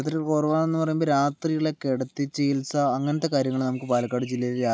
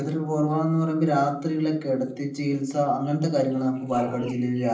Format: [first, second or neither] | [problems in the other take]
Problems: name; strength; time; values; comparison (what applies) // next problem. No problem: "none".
first | noise reduction (neural separator model SepFormer DNS4)